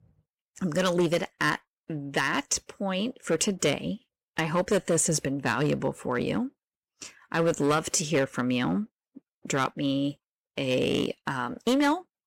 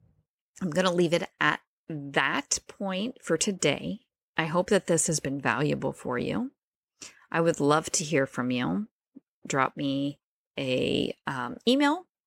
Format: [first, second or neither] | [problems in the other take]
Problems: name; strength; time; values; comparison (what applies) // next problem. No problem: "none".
second | distortion; slight; 4% of the sound clipped